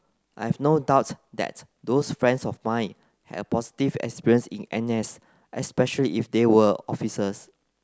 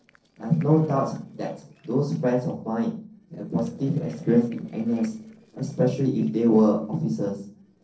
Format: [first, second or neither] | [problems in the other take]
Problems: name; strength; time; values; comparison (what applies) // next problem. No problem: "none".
first | noise reduction (neural separator model SepFormer DNS4)